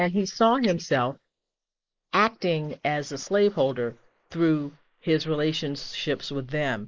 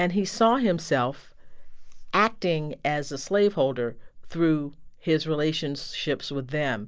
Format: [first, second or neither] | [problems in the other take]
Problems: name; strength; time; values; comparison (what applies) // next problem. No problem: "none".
second | noise reduction (neural mask model Resemble Enhance denoiser)